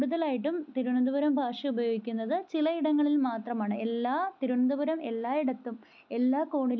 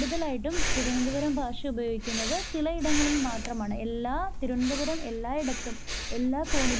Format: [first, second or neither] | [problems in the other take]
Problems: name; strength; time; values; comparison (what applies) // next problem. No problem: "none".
first | background sound (Breathing); 1 dB below the speech